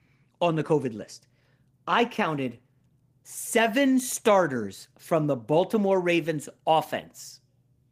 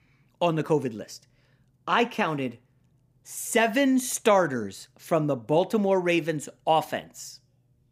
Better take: second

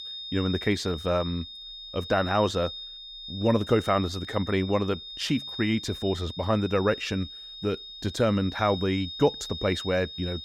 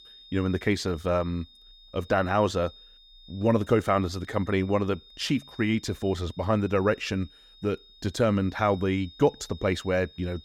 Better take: second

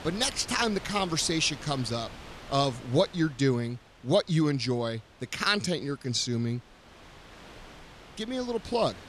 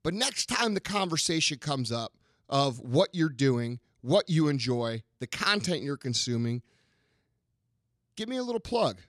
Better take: second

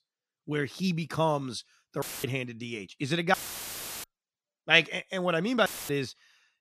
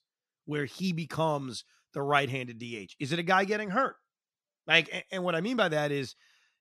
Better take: second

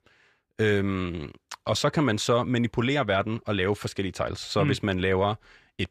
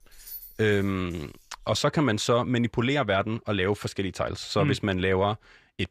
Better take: first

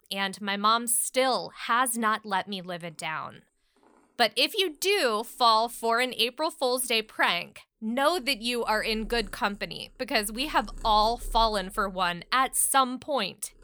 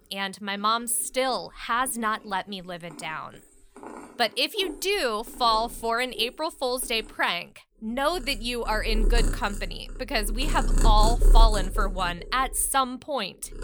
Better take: first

